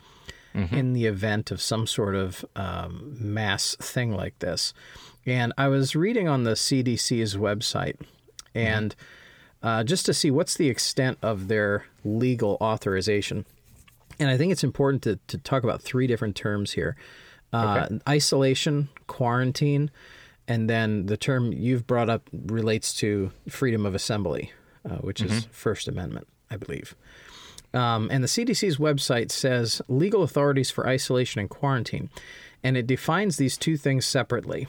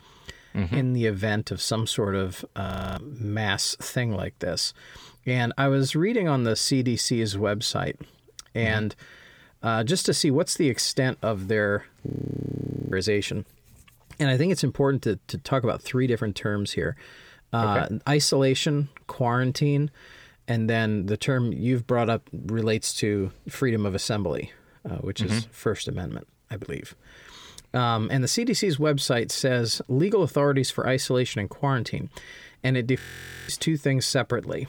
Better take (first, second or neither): first